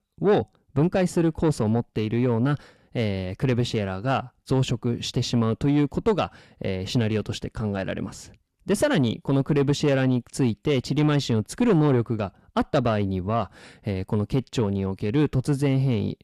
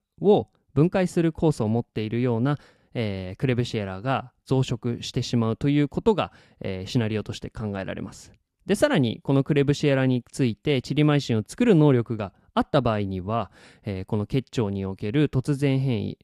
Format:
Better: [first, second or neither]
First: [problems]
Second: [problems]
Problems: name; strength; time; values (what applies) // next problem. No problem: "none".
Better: second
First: distortion; slight; 10 dB below the speech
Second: none